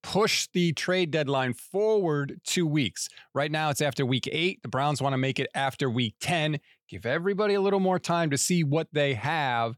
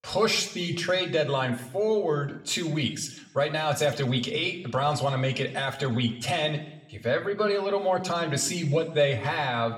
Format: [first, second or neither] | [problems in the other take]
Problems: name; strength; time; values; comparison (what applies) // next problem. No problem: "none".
first | room echo; very slight; dies away in 0.6 s // off-mic speech; somewhat distant